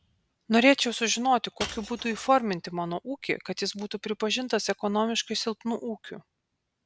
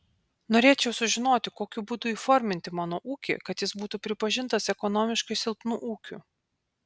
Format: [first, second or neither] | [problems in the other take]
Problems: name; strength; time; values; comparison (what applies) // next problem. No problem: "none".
second | background sound (Shatter / Crushing); 16 dB below the speech